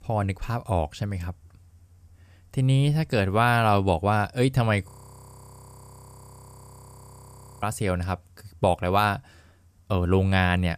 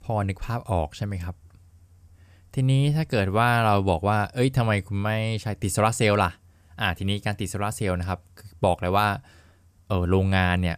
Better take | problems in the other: second | audio freezing; at 5 s for 2.5 s

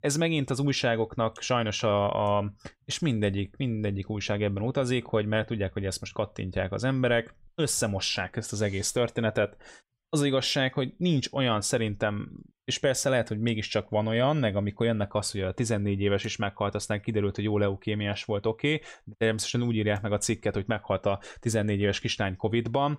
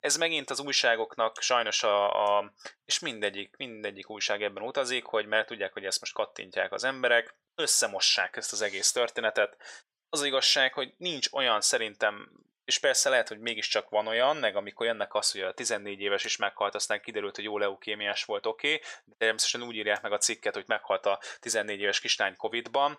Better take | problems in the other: first | thin; very; fading below 650 Hz

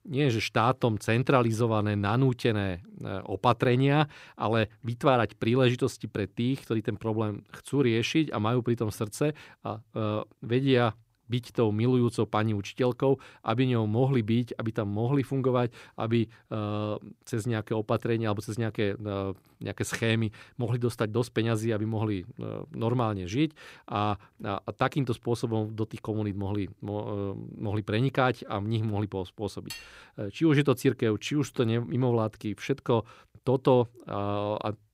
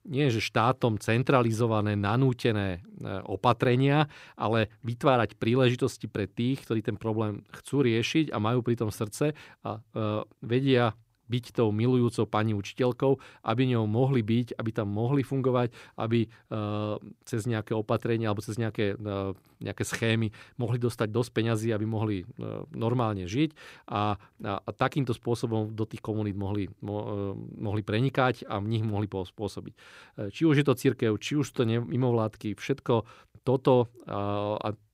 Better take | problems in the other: second | clattering dishes; faint; at 30 s; peak 15 dB below the speech

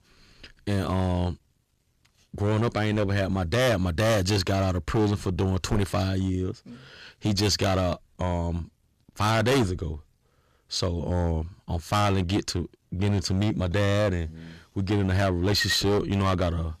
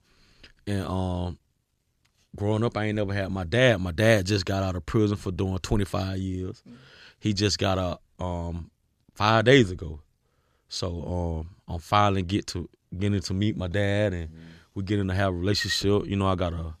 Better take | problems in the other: second | distortion; heavy; 11% of the sound clipped

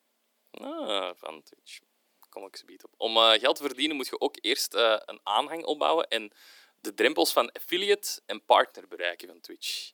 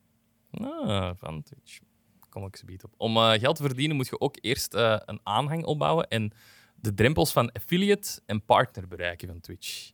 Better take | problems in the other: second | thin; somewhat; fading below 300 Hz

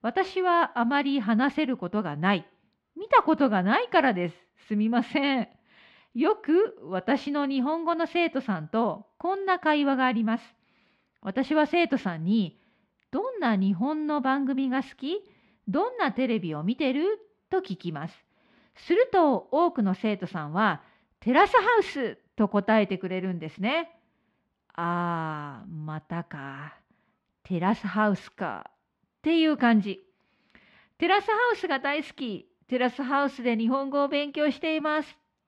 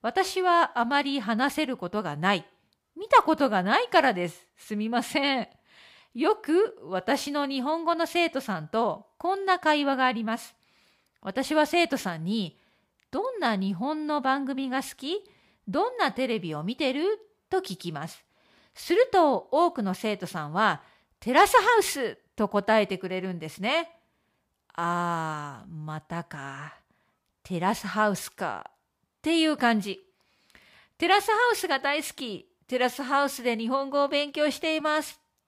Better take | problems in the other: second | muffled; slightly; fading above 2.5 kHz

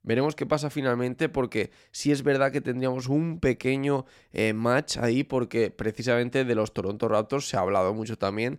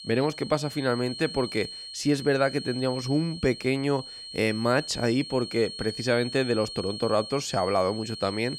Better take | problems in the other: first | high-pitched whine; noticeable; throughout; 4 kHz, 10 dB below the speech

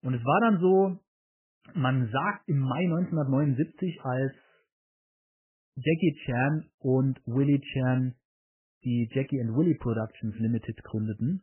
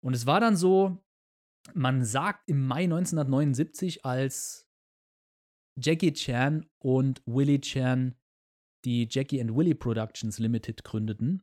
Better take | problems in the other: second | garbled, watery; badly; nothing above 3 kHz

